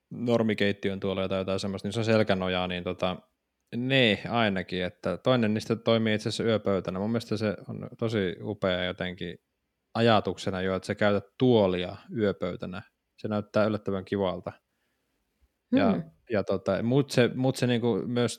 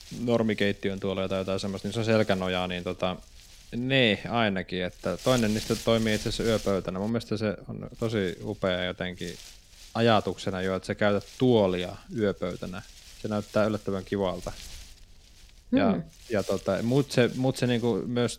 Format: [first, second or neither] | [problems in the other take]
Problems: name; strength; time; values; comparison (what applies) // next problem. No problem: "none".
first | wind noise on the microphone; occasional gusts; 15 dB below the speech